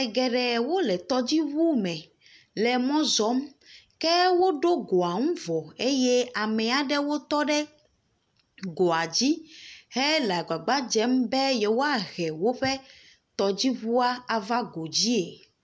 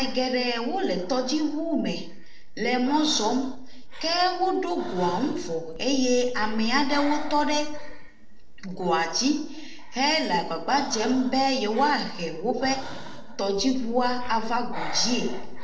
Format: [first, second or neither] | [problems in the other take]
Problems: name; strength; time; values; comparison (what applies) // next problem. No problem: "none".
first | noise reduction (neural separator model SepFormer DNS4)